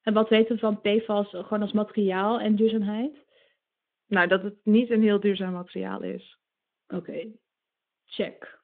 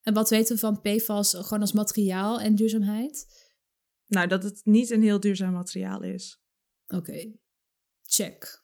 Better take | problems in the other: second | phone-call audio

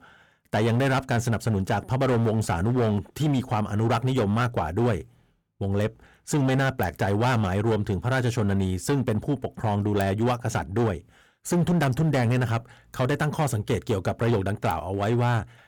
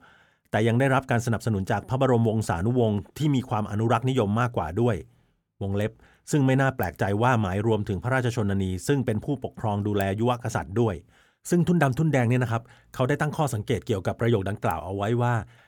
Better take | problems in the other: second | distortion; slight; 13% of the sound clipped

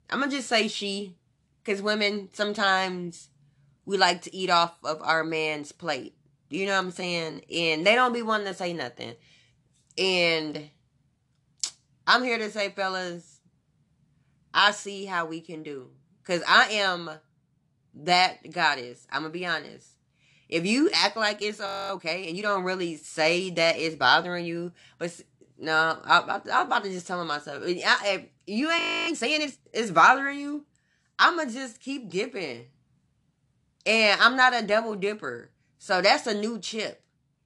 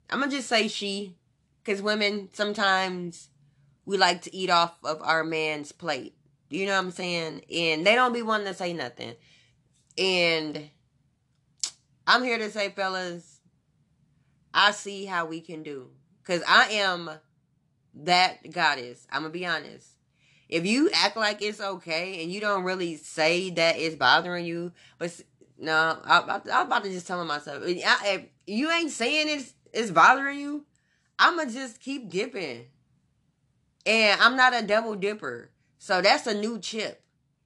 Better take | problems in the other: second | audio freezing; at 22 s and at 29 s

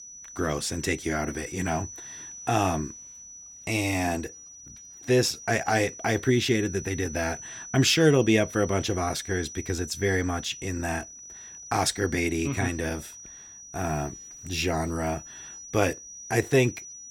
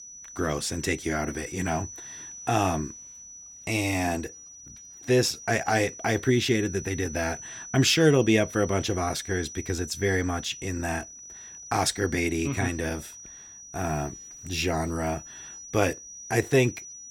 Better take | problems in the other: neither | high-pitched whine; noticeable; throughout; 6 kHz, 15 dB below the speech; the same in both

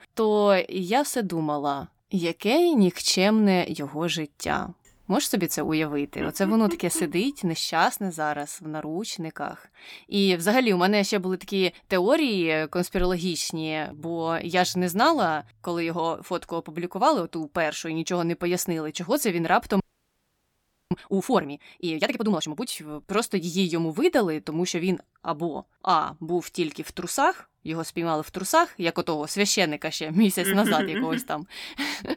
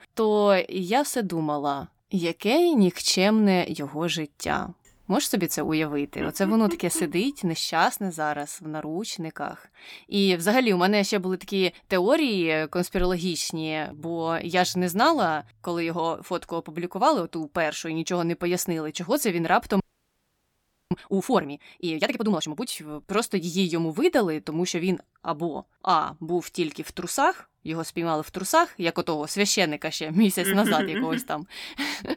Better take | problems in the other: neither | audio freezing; at 20 s for 1 s; the same in both

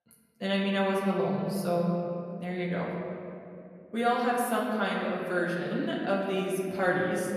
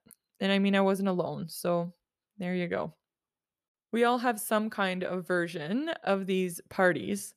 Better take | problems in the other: second | off-mic speech; far // room echo; noticeable; dies away in 2.4 s

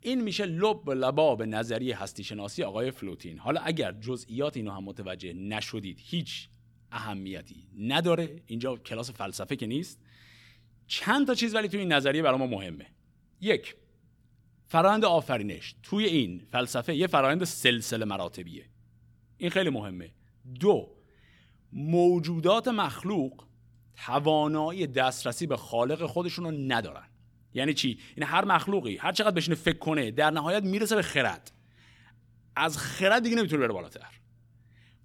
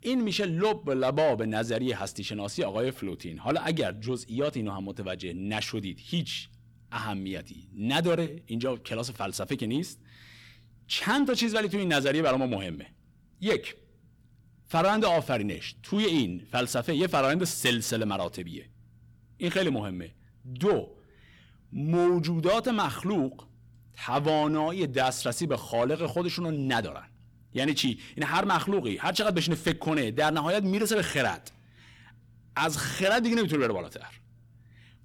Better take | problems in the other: first | distortion; slight; 10 dB below the speech

